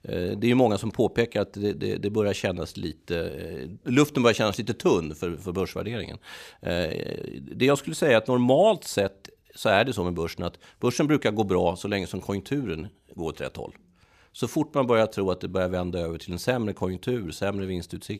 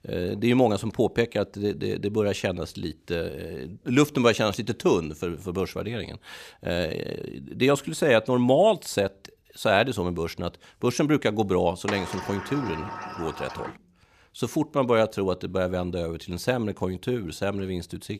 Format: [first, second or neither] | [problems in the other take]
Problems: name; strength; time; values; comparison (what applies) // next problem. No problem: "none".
first | door banging; noticeable; from 12 to 14 s; peak 7 dB below the speech